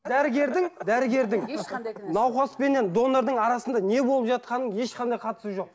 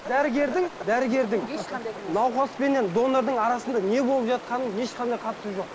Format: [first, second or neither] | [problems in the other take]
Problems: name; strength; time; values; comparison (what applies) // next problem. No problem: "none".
first | background sound (Stream); 15 dB below the speech